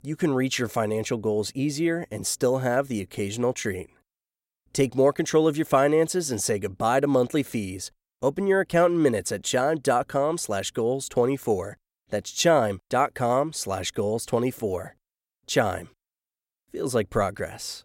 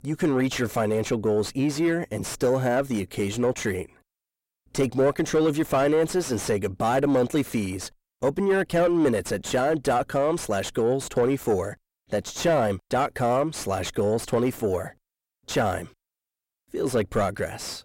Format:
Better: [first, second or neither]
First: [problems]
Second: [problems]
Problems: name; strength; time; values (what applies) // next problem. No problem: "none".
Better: first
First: none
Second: distortion; slight; 9 dB below the speech